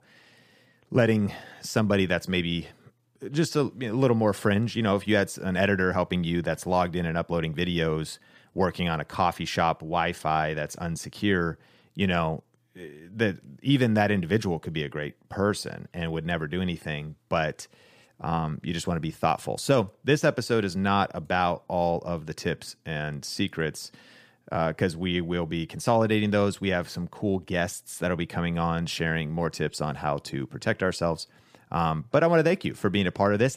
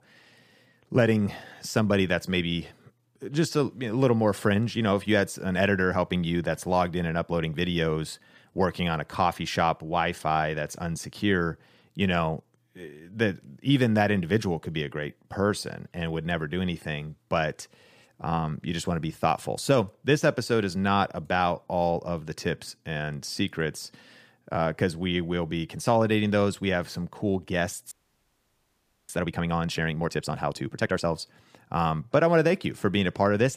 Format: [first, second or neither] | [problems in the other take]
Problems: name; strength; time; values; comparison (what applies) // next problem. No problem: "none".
first | audio freezing; at 28 s for 1 s